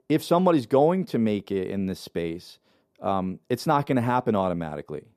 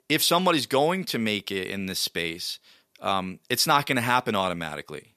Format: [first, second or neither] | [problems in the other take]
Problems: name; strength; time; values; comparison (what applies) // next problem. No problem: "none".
second | muffled; slightly; fading above 1 kHz